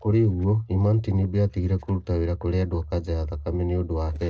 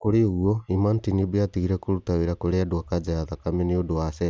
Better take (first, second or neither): second